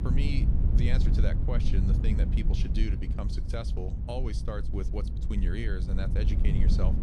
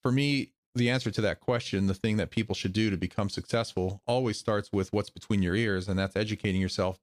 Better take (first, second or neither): second